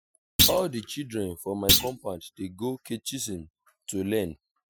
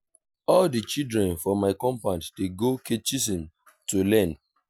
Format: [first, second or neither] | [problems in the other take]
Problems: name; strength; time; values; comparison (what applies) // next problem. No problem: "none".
second | noise reduction (classical method spectral subtraction)